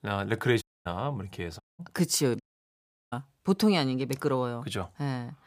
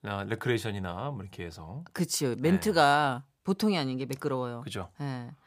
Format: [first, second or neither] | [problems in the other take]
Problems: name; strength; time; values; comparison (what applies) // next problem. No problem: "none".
second | audio cutting out; at 0.5 s, at 1.5 s and at 2.5 s for 0.5 s